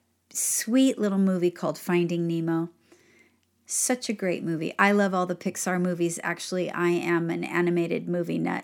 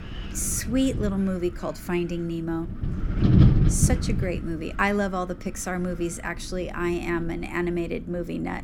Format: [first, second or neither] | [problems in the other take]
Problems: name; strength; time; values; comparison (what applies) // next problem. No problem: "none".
first | wind noise on the microphone; heavy; 6 dB below the speech